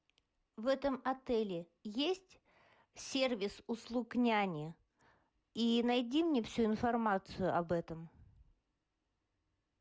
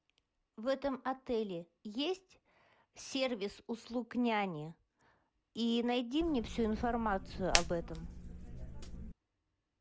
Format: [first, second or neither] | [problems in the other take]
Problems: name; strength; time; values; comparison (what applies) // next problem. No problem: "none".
first | background sound (Hands); 2 dB below the speech